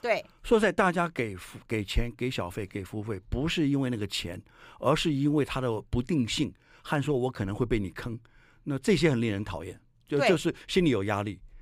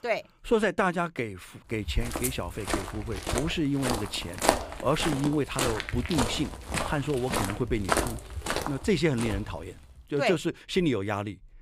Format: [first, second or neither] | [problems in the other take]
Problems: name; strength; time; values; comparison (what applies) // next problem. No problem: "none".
first | footsteps; loud; from 2 to 9.5 s; peak 4 dB above the speech